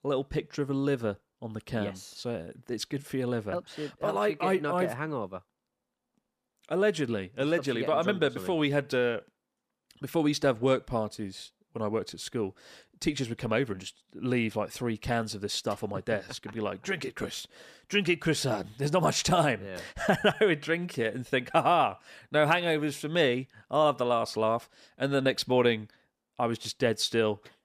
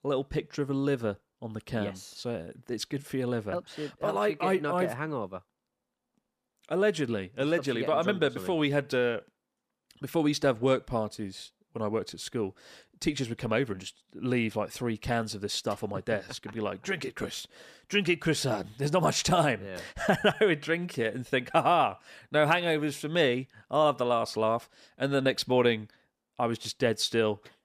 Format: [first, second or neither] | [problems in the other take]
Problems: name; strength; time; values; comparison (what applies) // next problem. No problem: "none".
neither | none